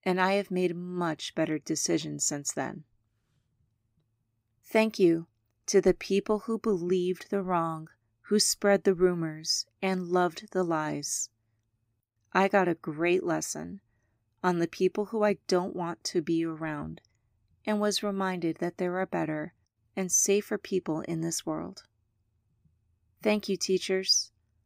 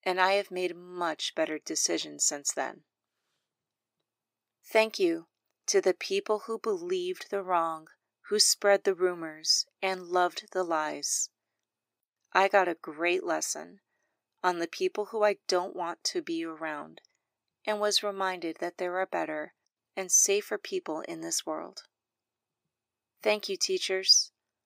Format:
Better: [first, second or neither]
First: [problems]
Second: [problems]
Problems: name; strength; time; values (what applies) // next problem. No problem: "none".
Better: first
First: none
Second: thin; very; fading below 500 Hz